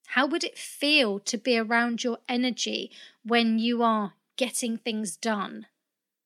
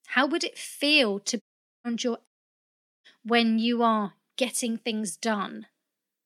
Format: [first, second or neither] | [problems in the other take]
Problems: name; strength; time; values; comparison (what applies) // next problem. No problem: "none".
first | audio cutting out; at 1.5 s and at 2.5 s for 1 s